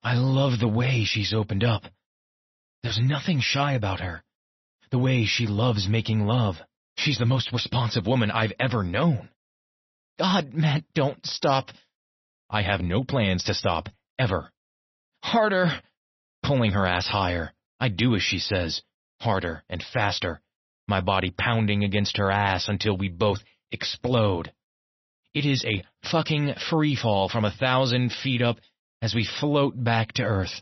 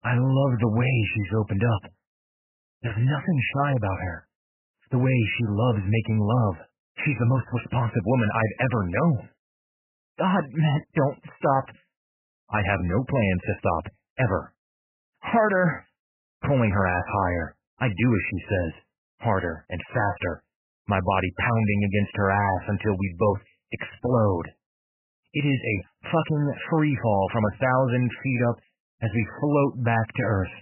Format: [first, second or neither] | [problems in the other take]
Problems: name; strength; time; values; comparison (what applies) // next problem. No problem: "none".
first | garbled, watery; badly; nothing above 3 kHz; slightly in the first